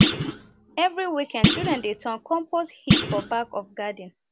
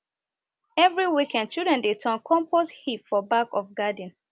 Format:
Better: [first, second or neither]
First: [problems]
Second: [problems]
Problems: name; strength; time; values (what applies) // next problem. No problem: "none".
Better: second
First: background sound (Thump, thud); 2 dB above the speech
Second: none